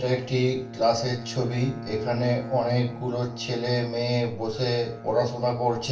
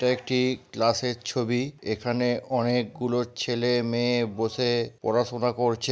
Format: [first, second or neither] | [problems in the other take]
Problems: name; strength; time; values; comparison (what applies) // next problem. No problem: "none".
second | background sound (Bowed string instrument); 13 dB below the speech // room echo; dies away in 0.4 s